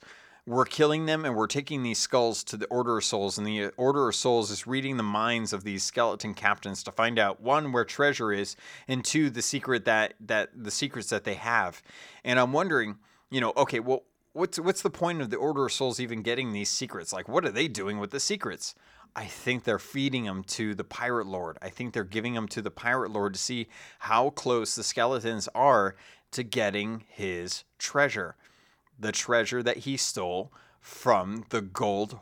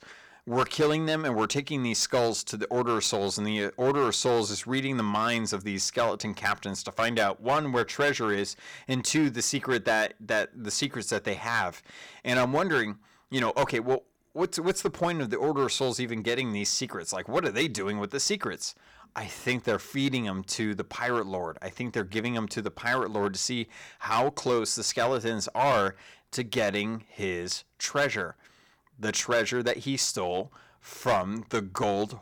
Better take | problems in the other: first | distortion; slight; 4% of the sound clipped

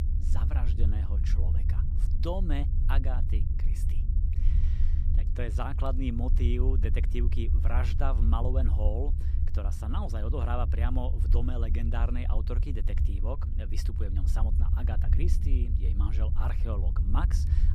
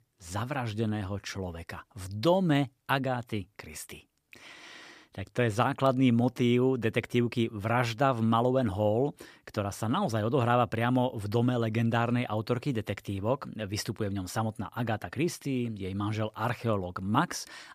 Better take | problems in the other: second | low rumble; loud; throughout; 7 dB below the speech

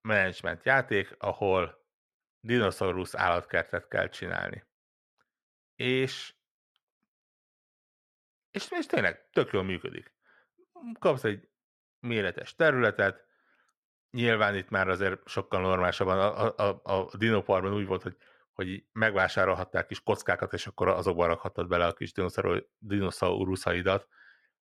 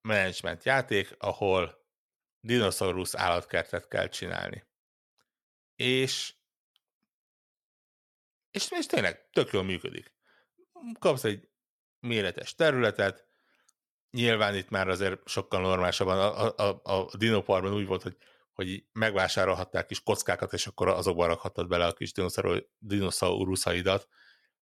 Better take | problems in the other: second | muffled; slightly; fading above 3.5 kHz

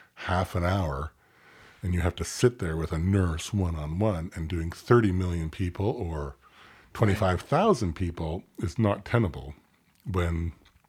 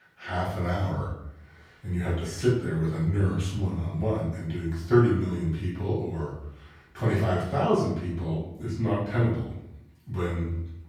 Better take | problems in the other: first | off-mic speech; far // room echo; noticeable; dies away in 0.7 s

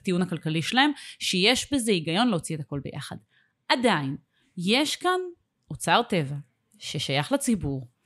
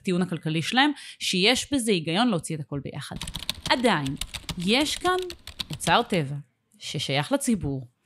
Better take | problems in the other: first | keyboard typing; noticeable; from 3 to 6 s; peak 6 dB below the speech

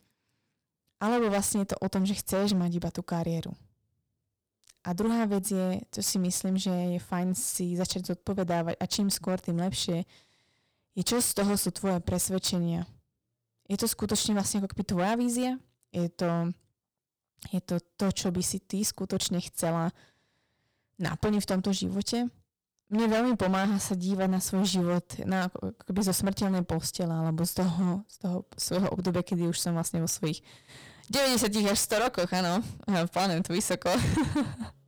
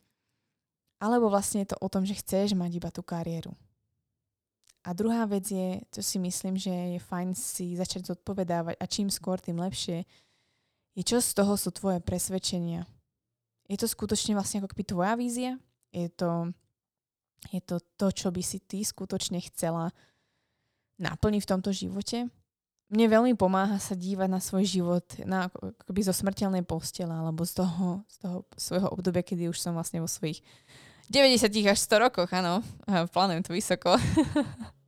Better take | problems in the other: second | distortion; heavy; 12% of the sound clipped

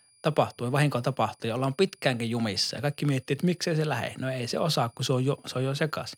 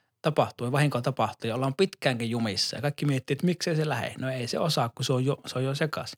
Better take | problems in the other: second | high-pitched whine; faint; throughout; 9.5 kHz, 30 dB below the speech

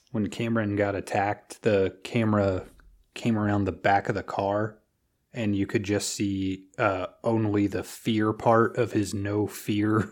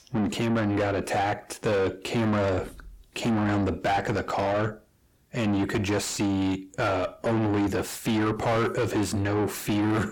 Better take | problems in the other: first | distortion; heavy; 6 dB below the speech

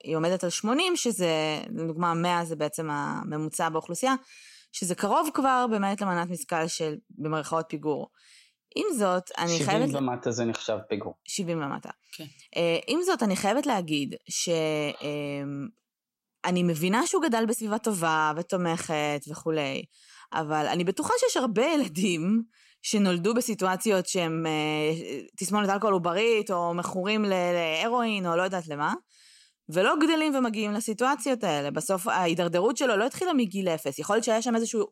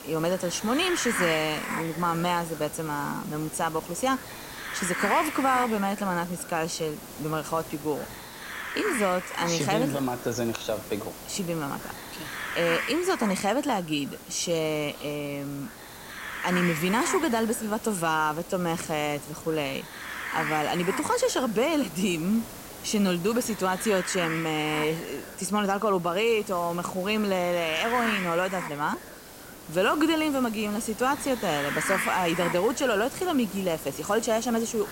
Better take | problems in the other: first | hiss; loud; throughout; 8 dB below the speech

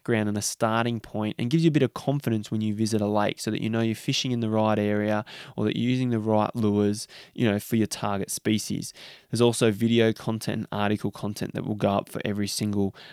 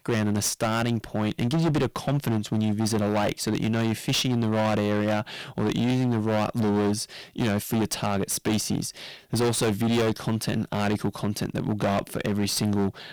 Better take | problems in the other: first | distortion; heavy; 23% of the sound clipped

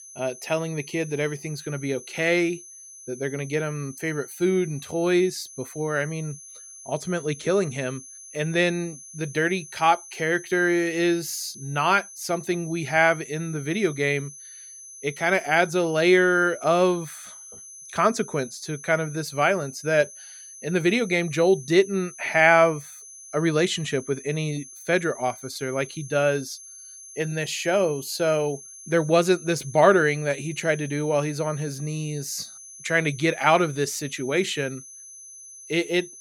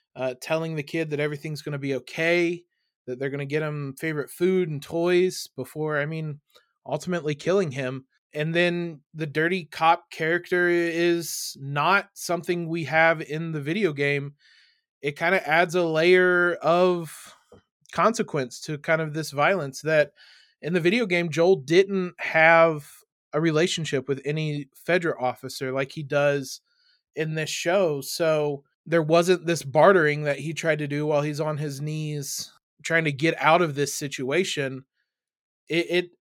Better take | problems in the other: second | high-pitched whine; noticeable; throughout; 6 kHz, 15 dB below the speech

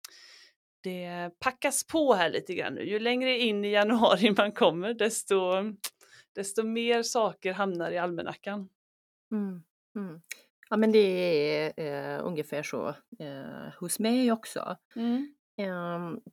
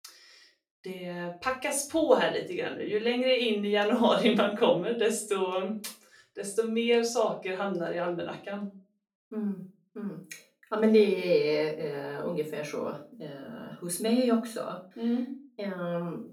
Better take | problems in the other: first | room echo; slight; dies away in 0.3 s // off-mic speech; far

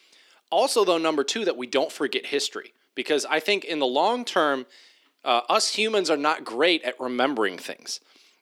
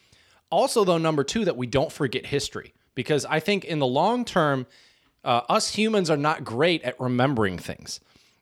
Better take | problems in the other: second | thin; very slightly; fading below 300 Hz

